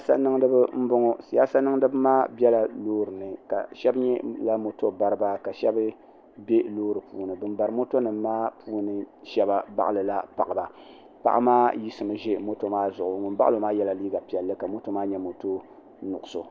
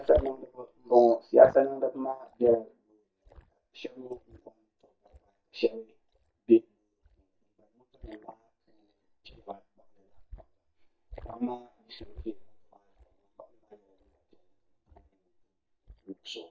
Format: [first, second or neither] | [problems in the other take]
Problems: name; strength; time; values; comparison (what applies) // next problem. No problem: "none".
first | noise reduction (neural mask model DeepFilterNet 3)